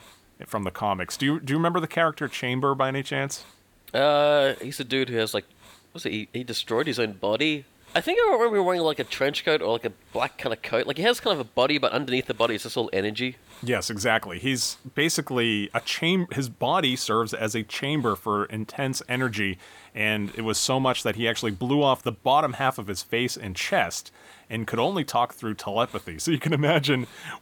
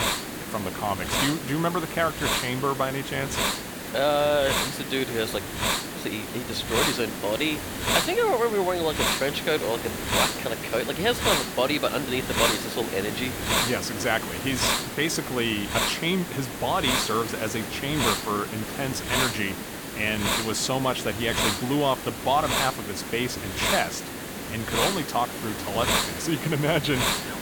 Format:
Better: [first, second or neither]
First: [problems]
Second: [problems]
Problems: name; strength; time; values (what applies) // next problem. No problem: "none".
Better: first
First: hiss; faint; throughout; 30 dB below the speech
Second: hiss; loud; throughout; 1 dB below the speech